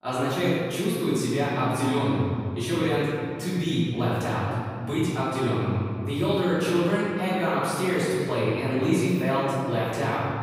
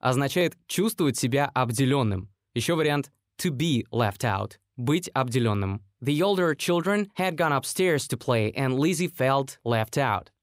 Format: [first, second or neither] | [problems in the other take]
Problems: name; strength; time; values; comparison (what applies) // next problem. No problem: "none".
second | off-mic speech; far // room echo; strong; dies away in 2.3 s